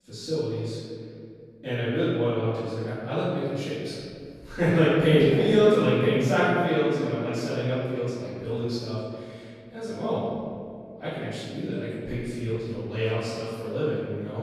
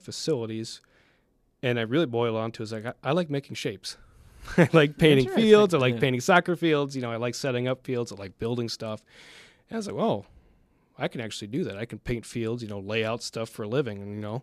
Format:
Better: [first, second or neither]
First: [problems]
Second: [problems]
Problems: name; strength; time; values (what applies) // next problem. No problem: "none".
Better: second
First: off-mic speech; far // room echo; strong; dies away in 2.1 s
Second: none